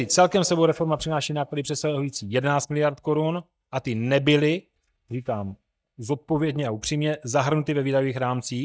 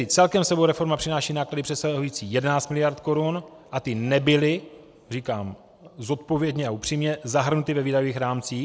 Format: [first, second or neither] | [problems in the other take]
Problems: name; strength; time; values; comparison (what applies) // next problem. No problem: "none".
second | noise reduction (neural mask model DeepFilterNet 3)